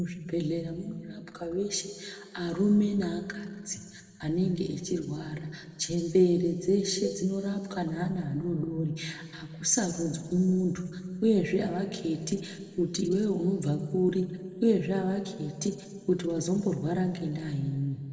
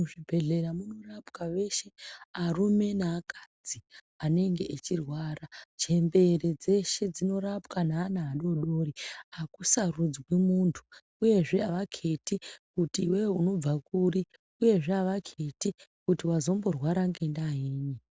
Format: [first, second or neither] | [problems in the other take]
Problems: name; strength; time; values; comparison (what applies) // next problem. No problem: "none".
second | background sound (Cowbell); 16 dB below the speech // room echo; dies away in 1.9 s